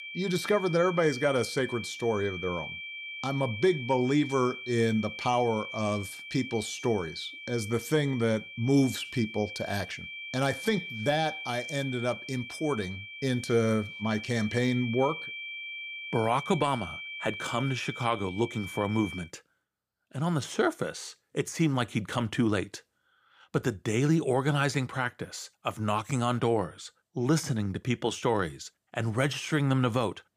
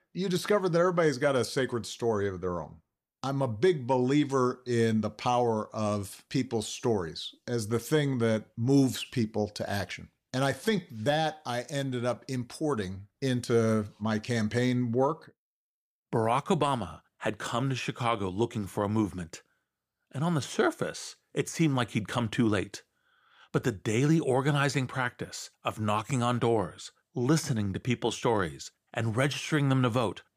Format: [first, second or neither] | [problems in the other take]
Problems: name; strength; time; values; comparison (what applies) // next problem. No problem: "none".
second | high-pitched whine; loud; until 19 s; 2.5 kHz, 9 dB below the speech